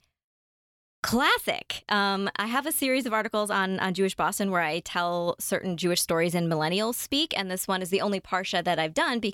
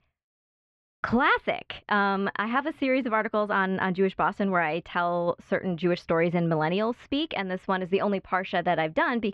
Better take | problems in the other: first | muffled; very; fading above 2.5 kHz

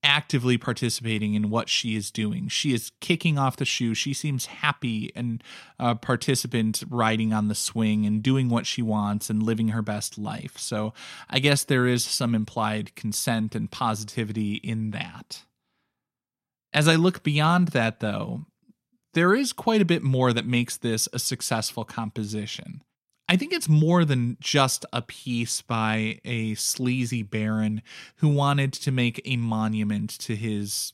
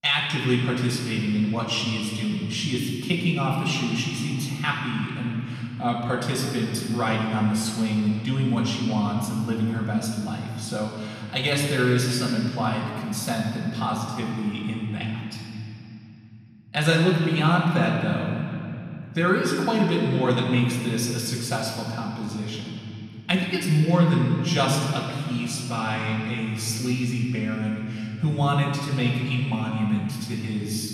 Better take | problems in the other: first | off-mic speech; far // room echo; noticeable; dies away in 2.9 s

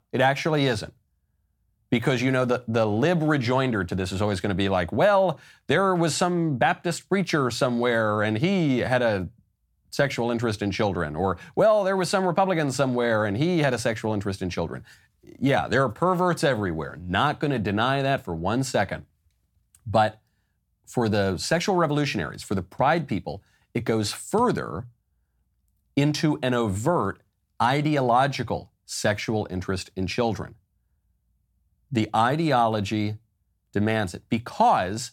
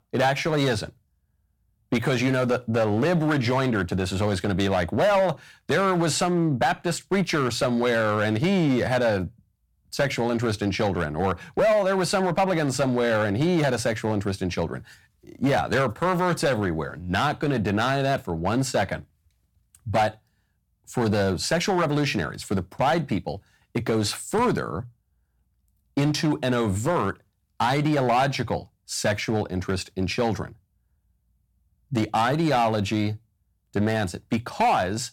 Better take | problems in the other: first | distortion; slight; 7% of the sound clipped

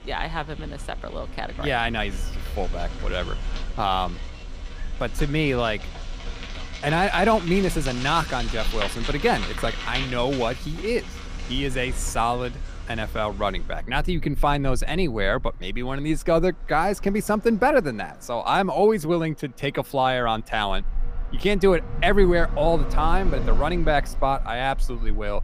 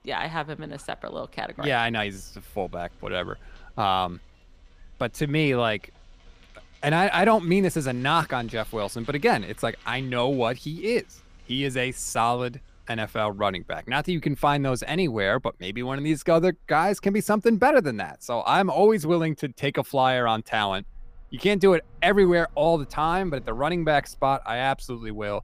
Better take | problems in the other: second | traffic noise; loud; throughout; 9 dB below the speech; faint in the second

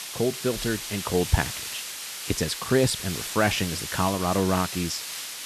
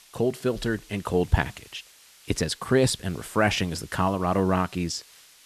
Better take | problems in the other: second | hiss; loud; throughout; 6 dB below the speech; faint in the second

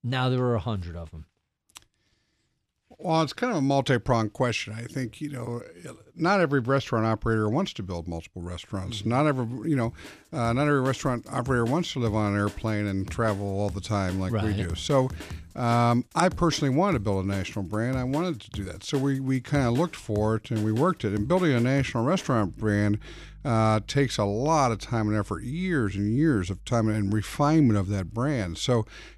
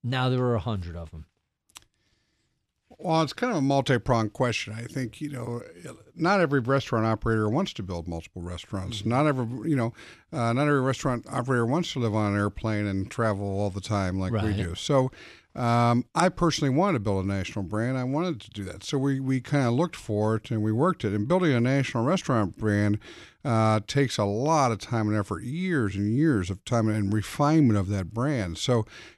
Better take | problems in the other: second | background music; noticeable; from 10 s on; 20 dB below the speech

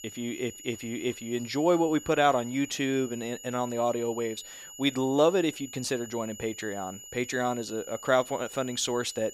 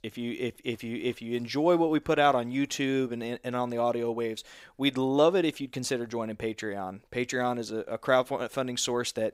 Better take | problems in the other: second | high-pitched whine; noticeable; throughout; 7 kHz, 15 dB below the speech

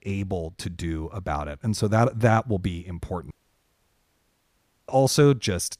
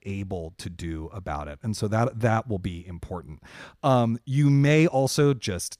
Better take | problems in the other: second | audio cutting out; at 3.5 s for 1.5 s

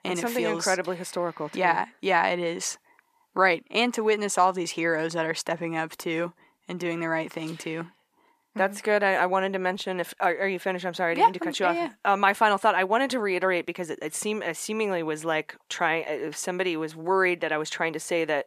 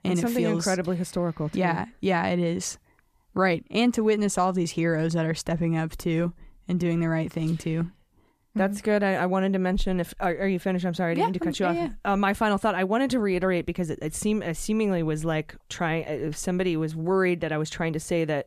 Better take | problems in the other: second | thin; somewhat; fading below 350 Hz

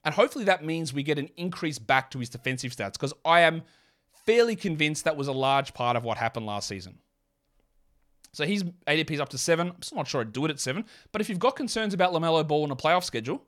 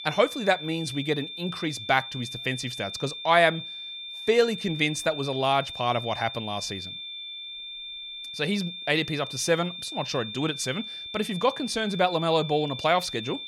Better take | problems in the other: first | high-pitched whine; loud; throughout; 3.5 kHz, 9 dB below the speech

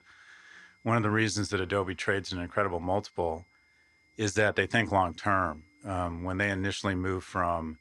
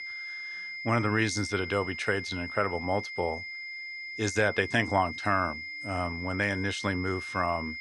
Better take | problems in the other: first | high-pitched whine; loud; throughout; 2 kHz, 7 dB below the speech; faint in the first

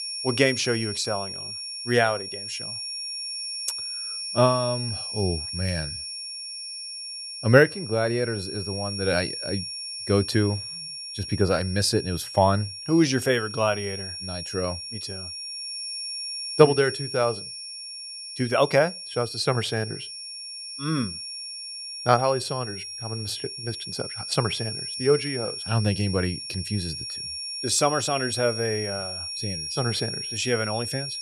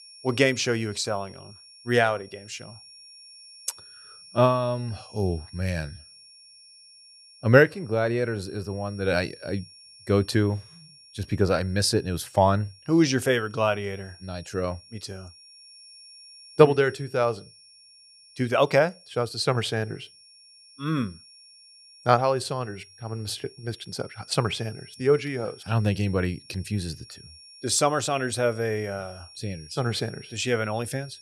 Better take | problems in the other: second | high-pitched whine; loud; throughout; 5.5 kHz, 6 dB below the speech; faint in the second

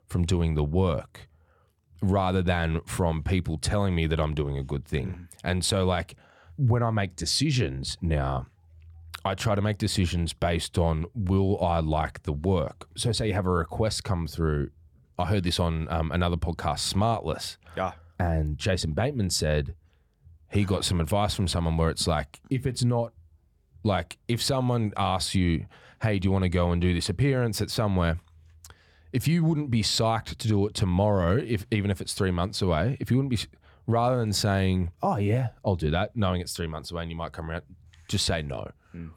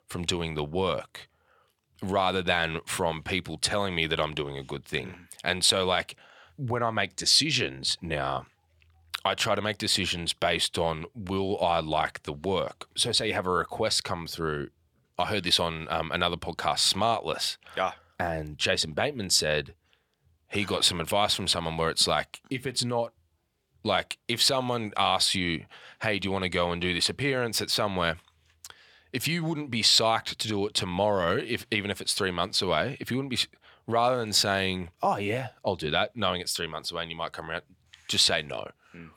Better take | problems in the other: first | thin; somewhat; fading below 1 kHz

